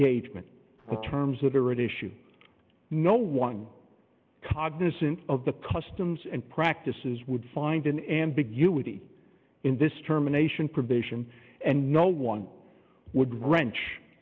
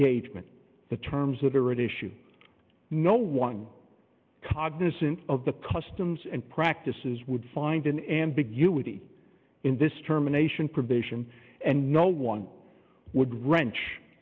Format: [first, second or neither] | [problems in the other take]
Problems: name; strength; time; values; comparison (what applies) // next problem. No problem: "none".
second | background sound (Brass instrument); 14 dB below the speech